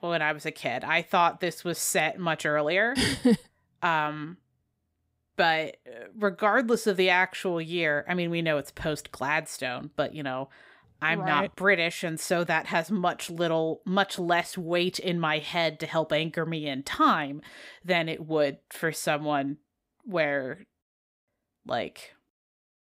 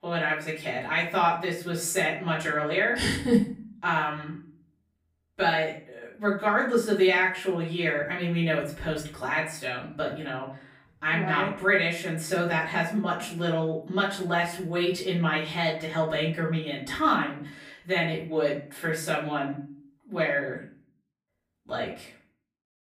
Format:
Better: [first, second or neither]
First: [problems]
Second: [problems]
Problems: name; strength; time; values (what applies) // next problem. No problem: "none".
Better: first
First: none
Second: off-mic speech; far // room echo; slight; dies away in 0.4 s